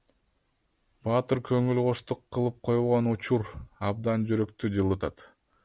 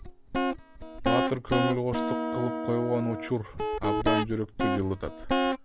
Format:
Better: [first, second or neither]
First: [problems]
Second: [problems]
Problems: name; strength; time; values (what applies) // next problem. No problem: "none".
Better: first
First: none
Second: background sound (Guitar); 2 dB above the speech